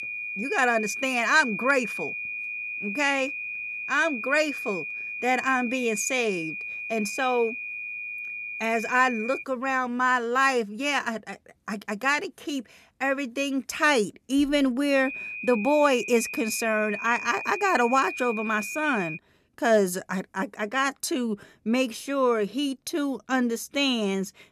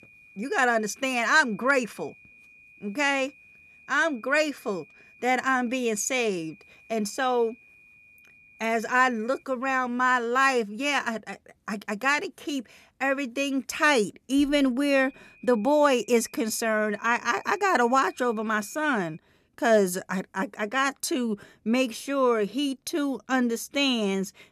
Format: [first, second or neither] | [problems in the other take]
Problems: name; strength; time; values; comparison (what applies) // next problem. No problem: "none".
second | high-pitched whine; loud; until 9.5 s and from 15 to 19 s; 2.5 kHz, 6 dB below the speech; faint in the second